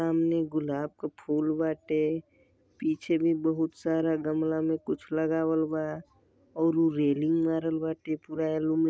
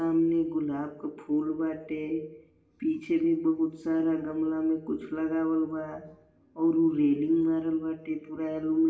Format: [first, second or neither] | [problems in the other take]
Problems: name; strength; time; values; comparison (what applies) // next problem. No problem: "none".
first | room echo; dies away in 0.8 s